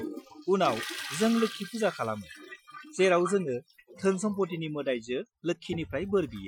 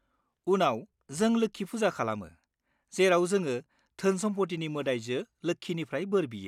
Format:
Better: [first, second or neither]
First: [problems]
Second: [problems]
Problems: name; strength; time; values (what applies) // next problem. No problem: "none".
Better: second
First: noise reduction (classical method Wiener filter)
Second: none